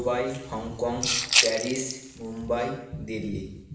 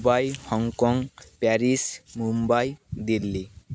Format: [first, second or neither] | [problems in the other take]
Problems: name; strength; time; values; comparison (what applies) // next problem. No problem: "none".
second | background sound (Rattle (instrument)); 2 dB above the speech // room echo; dies away in 0.8 s